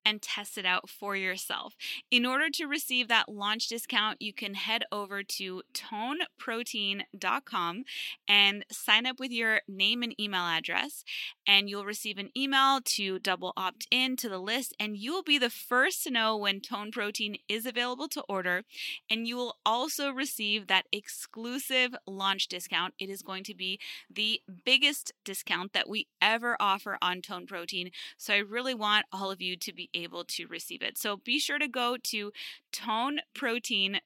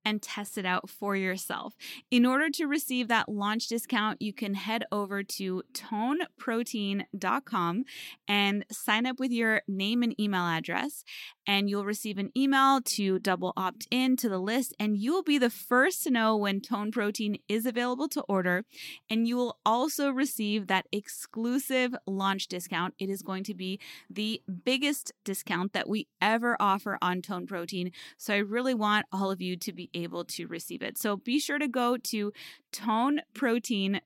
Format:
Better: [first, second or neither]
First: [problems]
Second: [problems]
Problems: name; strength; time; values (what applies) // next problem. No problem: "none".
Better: second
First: thin; very slightly; fading below 1 kHz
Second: none